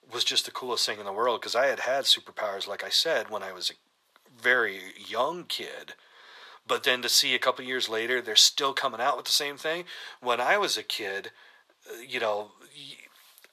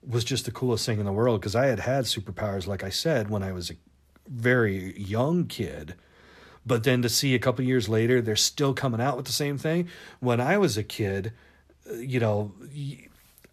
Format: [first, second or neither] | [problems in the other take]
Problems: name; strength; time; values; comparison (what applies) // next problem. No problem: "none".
second | thin; very; fading below 700 Hz